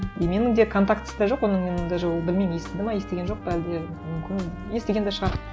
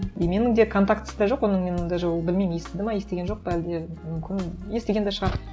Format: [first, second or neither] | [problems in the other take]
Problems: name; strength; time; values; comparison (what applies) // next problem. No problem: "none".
second | background sound (Trumpet + Bowed string instrument); 16 dB below the speech